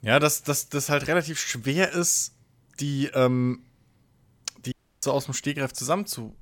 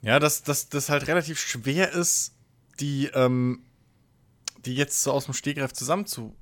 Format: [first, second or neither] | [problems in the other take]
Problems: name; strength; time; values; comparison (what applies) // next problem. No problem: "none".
second | audio cutting out; at 4.5 s